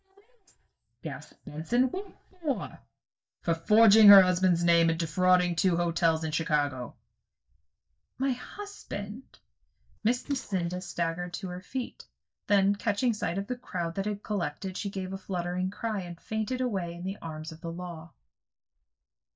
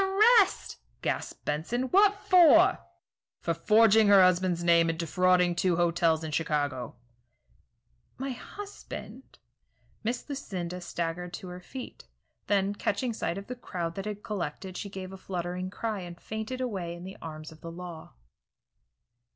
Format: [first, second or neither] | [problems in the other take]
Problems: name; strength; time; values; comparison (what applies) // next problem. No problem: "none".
second | noise reduction (neural mask model DeepFilterNet 3)